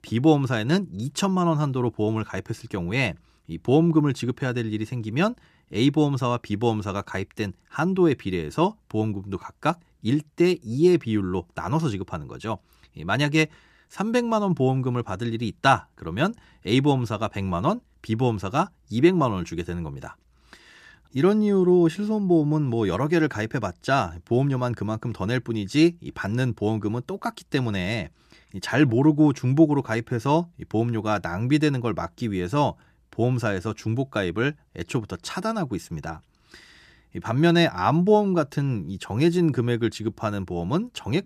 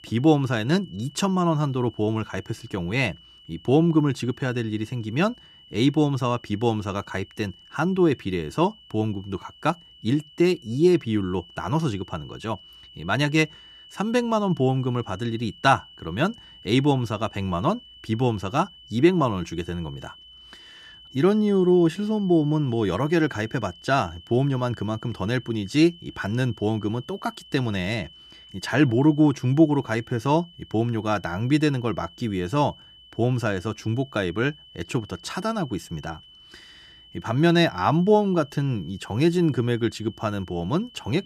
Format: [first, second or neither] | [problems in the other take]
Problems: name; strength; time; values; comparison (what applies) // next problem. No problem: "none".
first | high-pitched whine; faint; throughout; 3 kHz, 20 dB below the speech